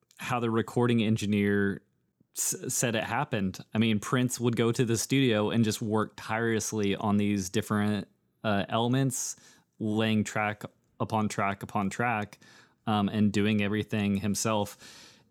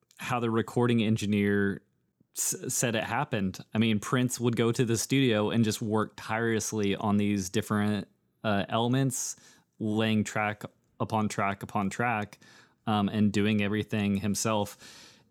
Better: neither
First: none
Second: none

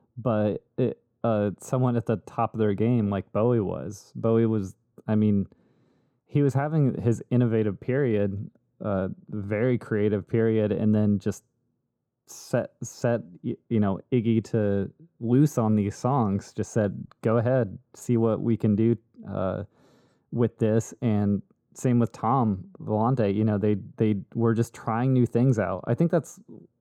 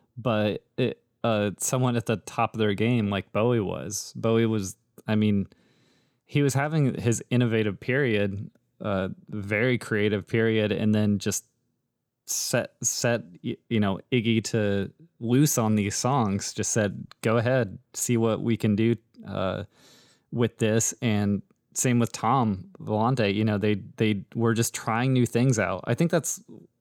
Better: second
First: muffled; slightly; fading above 1.5 kHz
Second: none

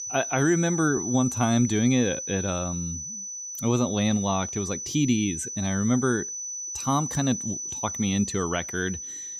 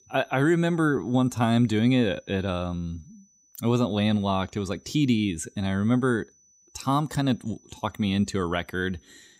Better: second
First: high-pitched whine; loud; throughout; 6 kHz, 6 dB below the speech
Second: high-pitched whine; faint; throughout; 6 kHz, 35 dB below the speech

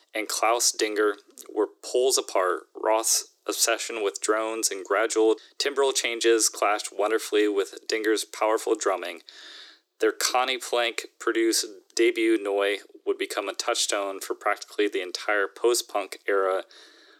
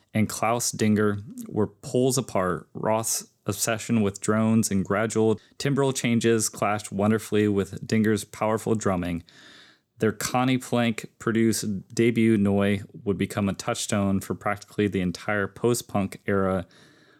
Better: second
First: thin; very; fading below 300 Hz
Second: none

